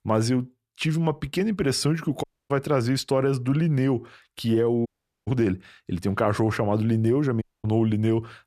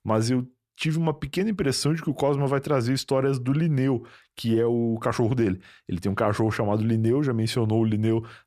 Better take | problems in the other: second | audio cutting out; at 2 s, at 5 s and at 7.5 s

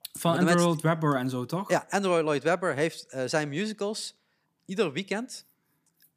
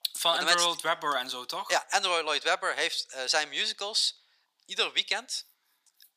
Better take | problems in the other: first | thin; very; fading below 800 Hz

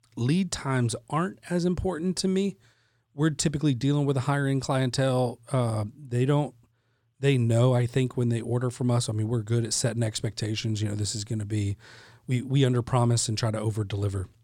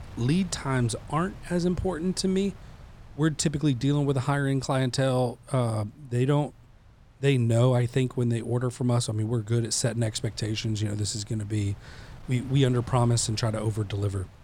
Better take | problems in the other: first | wind noise on the microphone; occasional gusts; 25 dB below the speech

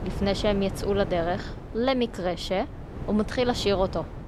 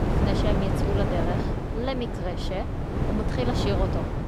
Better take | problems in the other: first | wind noise on the microphone; heavy; as loud as the speech; occasional gusts in the first

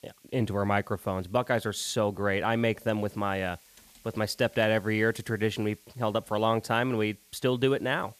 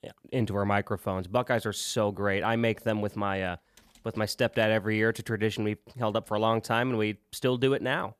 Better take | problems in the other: second | hiss; faint; throughout; 30 dB below the speech

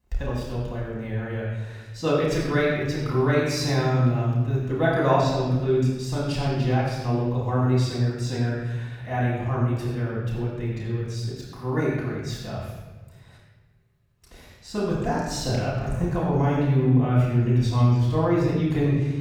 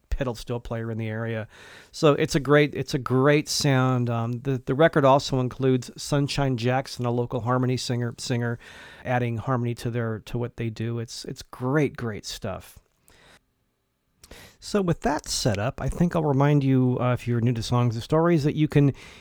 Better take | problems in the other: second | room echo; strong; dies away in 1.3 s // off-mic speech; far

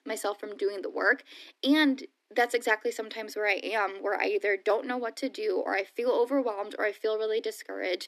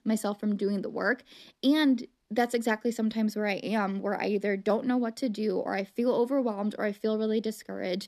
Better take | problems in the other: second | thin; somewhat; fading below 300 Hz

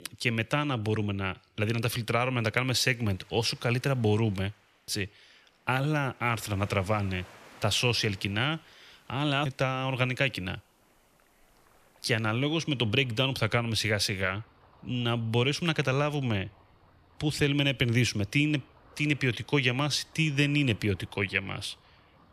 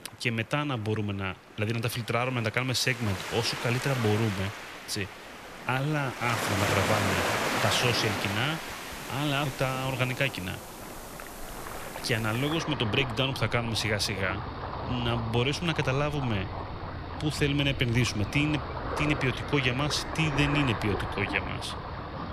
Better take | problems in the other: first | rain or running water; loud; throughout; 5 dB below the speech; faint in the first

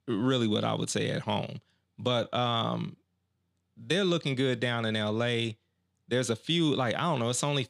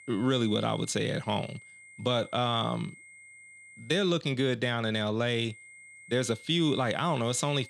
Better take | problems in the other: first | high-pitched whine; faint; until 4 s and from 5.5 s on; 2 kHz, 20 dB below the speech

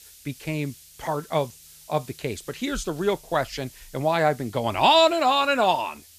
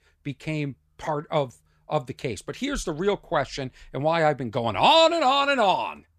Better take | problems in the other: second | hiss; faint; throughout; 25 dB below the speech

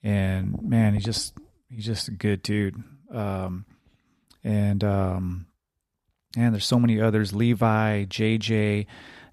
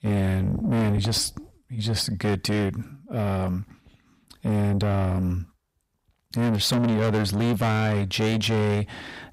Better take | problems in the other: first | distortion; heavy; 6 dB below the speech

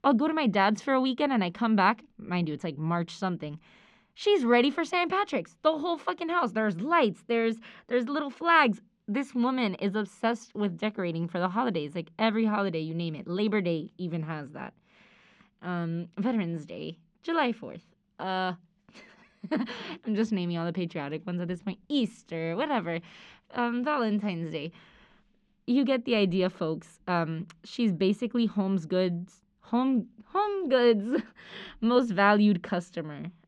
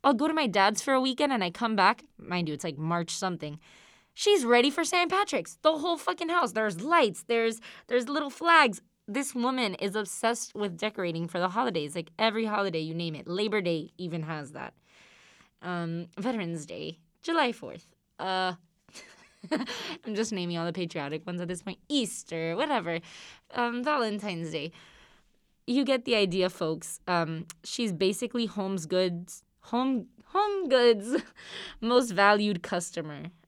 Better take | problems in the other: second | muffled; very slightly; fading above 3.5 kHz

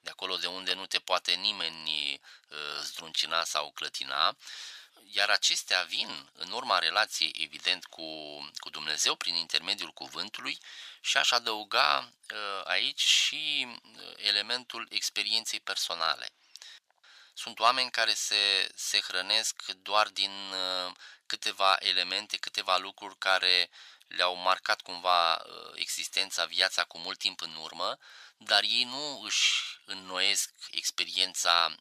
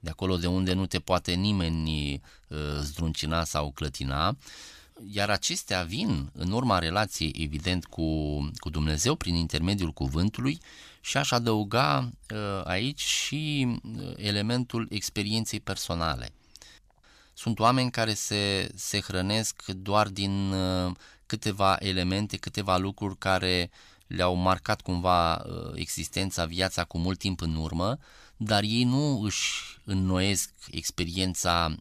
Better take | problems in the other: second | thin; very; fading below 750 Hz

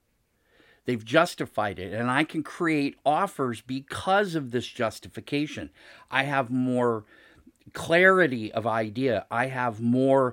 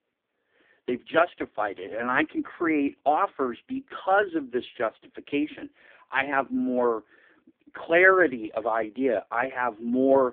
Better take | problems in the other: first | phone-call audio; poor line

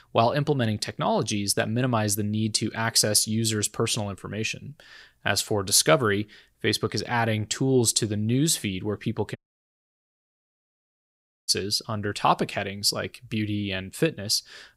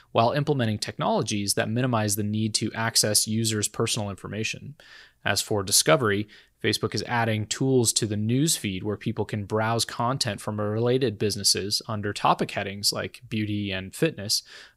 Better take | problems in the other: second | audio cutting out; at 9.5 s for 2 s

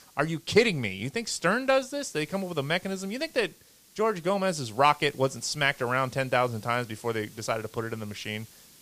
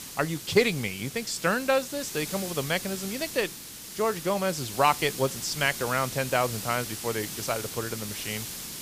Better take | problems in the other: first | hiss; loud; throughout; 7 dB below the speech; faint in the first

